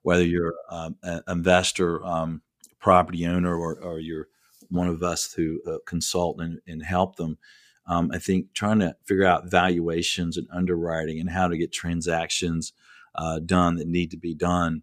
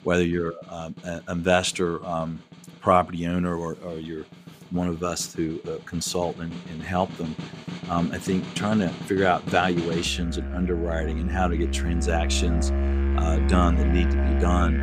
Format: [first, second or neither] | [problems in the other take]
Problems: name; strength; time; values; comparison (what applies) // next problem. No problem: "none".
first | background music; loud; throughout; 2 dB below the speech